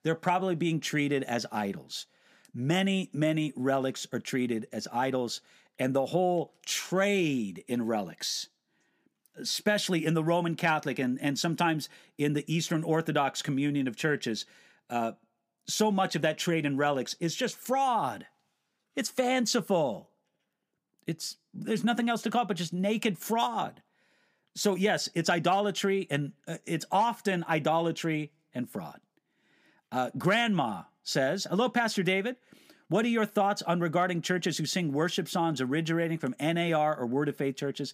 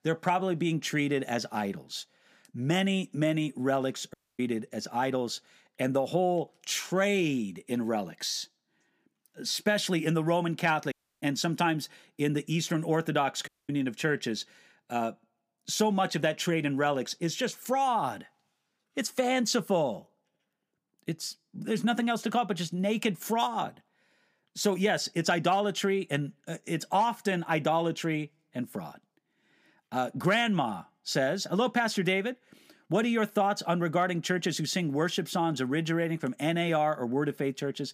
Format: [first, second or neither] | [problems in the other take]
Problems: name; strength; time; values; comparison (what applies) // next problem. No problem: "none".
first | audio cutting out; at 4 s, at 11 s and at 13 s